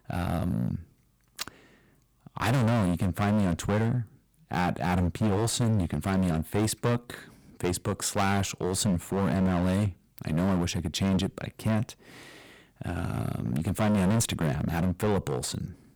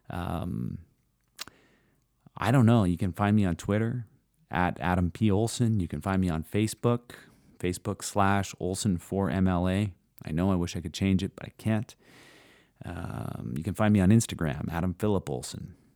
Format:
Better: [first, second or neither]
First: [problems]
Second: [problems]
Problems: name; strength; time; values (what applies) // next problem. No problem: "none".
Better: second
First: distortion; heavy; 14% of the sound clipped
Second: none